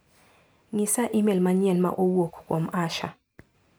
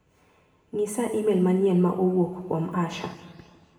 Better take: first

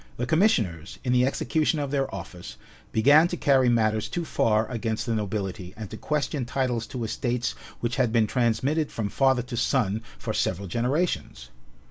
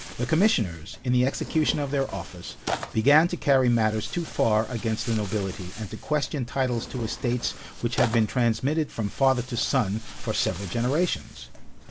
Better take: first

